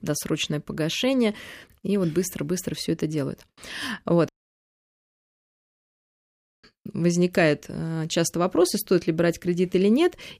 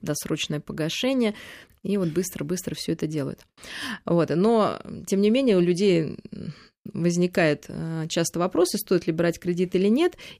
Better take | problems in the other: second | audio cutting out; at 4.5 s for 2.5 s

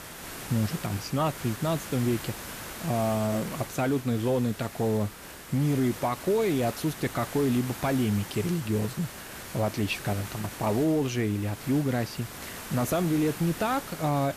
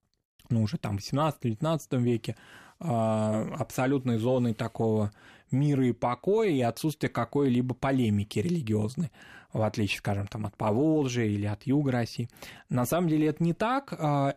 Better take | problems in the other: second | hiss; noticeable; throughout; 10 dB below the speech

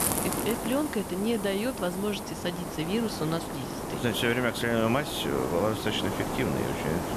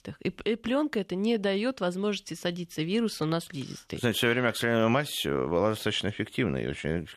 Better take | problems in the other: second | hiss; loud; throughout; 4 dB below the speech

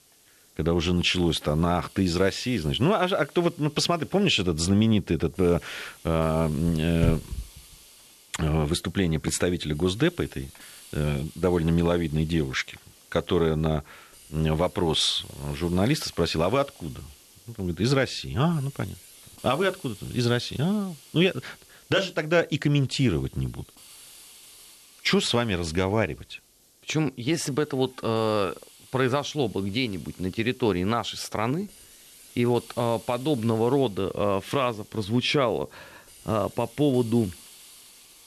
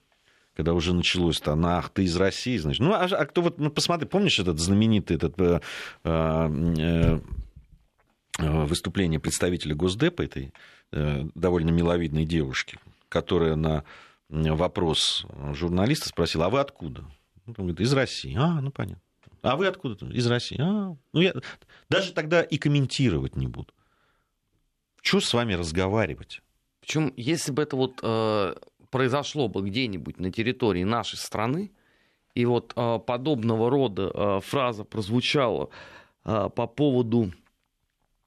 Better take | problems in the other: second | hiss; faint; throughout; 25 dB below the speech

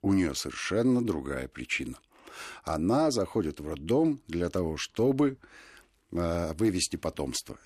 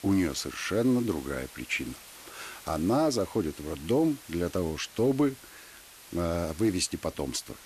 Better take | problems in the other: first | hiss; noticeable; throughout; 20 dB below the speech

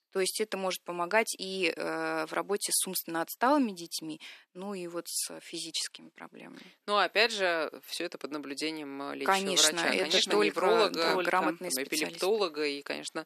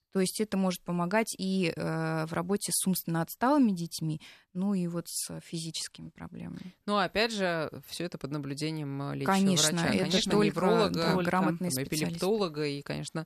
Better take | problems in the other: second | thin; somewhat; fading below 300 Hz

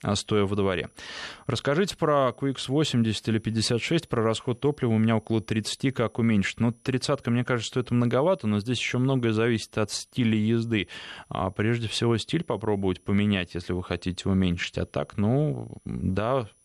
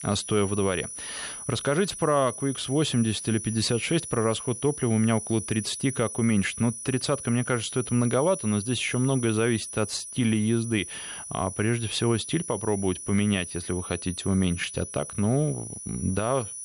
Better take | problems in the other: first | high-pitched whine; loud; throughout; 10 kHz, 8 dB below the speech; faint in the first

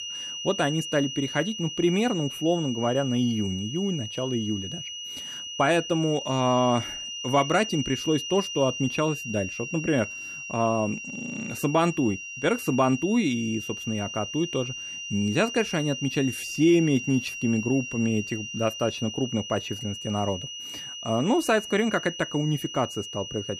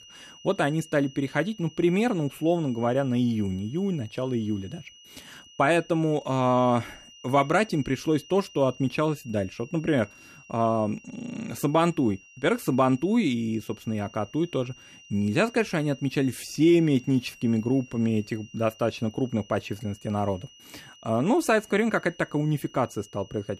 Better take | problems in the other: second | high-pitched whine; loud; throughout; 3 kHz, 7 dB below the speech; faint in the second

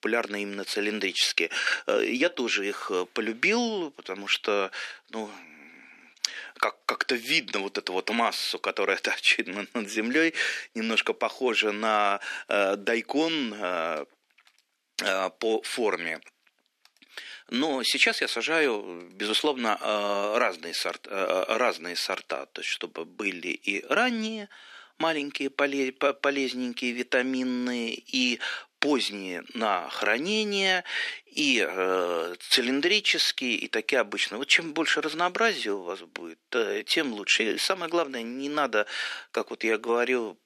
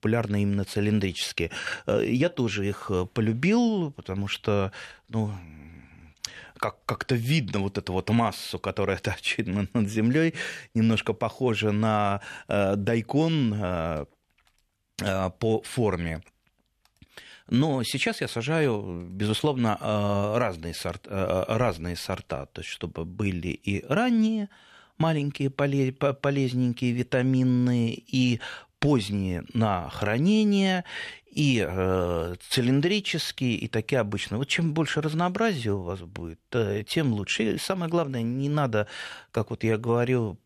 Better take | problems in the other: second | thin; somewhat; fading below 250 Hz

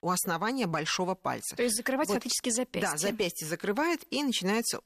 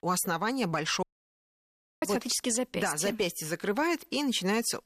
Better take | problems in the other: first | audio cutting out; at 1 s for 1 s

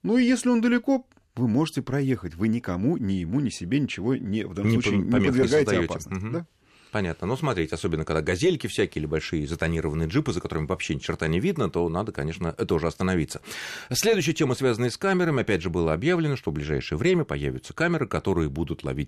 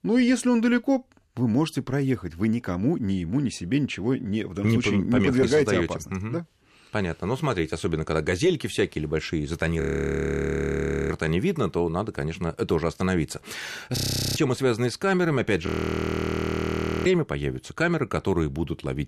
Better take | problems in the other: first | audio freezing; at 10 s for 1.5 s, at 14 s and at 16 s for 1.5 s

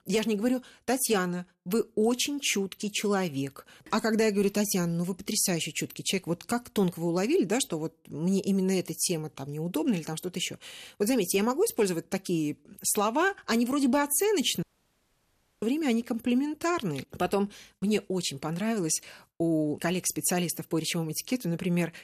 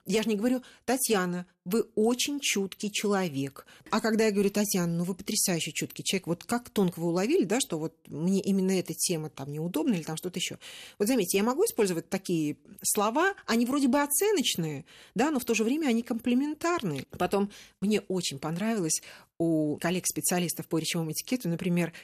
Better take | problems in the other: second | audio cutting out; at 15 s for 1 s

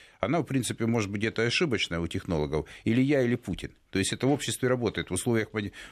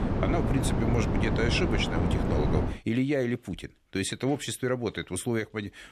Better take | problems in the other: first | wind noise on the microphone; heavy; until 2.5 s; 2 dB below the speech

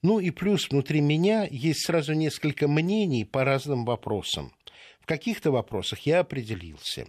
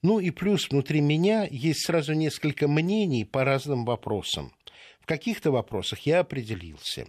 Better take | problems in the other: neither | none

